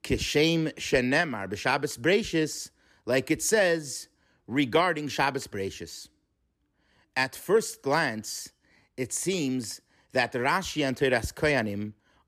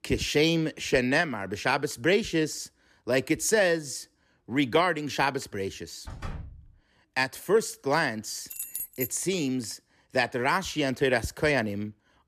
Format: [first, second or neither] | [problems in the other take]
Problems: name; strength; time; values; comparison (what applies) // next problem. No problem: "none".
first | door banging; faint; at 6 s; peak 15 dB below the speech // jangling keys; noticeable; at 8.5 s; peak 6 dB below the speech